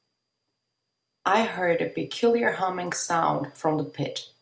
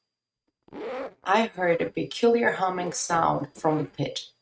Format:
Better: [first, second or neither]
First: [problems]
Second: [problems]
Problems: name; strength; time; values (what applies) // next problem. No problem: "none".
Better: first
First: none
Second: noise reduction (neural mask model RNNoise)